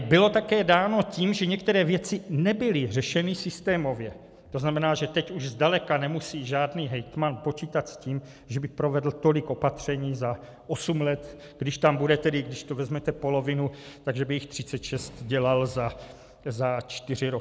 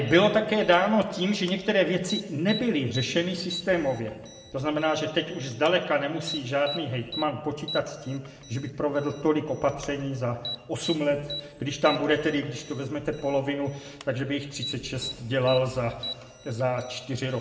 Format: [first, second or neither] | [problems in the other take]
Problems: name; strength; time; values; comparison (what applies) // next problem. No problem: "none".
first | background sound (Alarm); 15 dB below the speech // room echo; dies away in 1.3 s